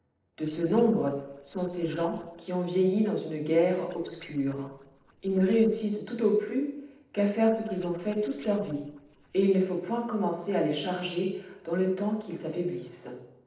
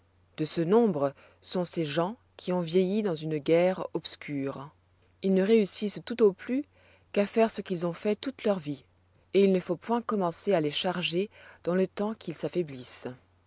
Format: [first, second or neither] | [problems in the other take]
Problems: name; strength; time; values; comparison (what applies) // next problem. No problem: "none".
second | noise reduction (neural separator model SepFormer DNS4)